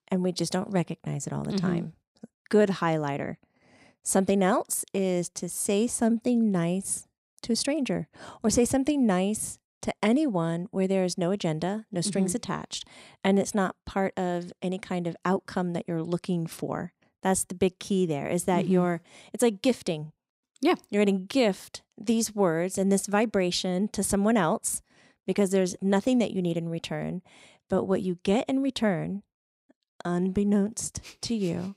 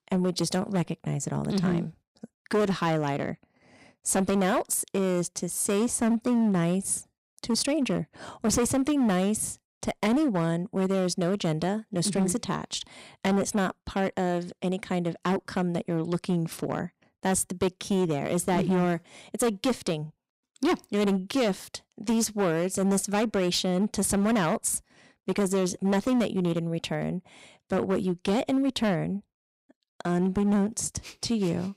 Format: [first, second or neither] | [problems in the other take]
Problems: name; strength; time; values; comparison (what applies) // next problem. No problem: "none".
first | distortion; slight; 10% of the sound clipped